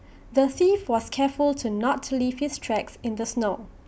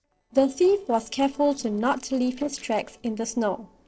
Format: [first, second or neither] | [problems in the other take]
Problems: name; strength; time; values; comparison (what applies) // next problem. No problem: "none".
first | noise reduction (neural separator model SepFormer DNS4)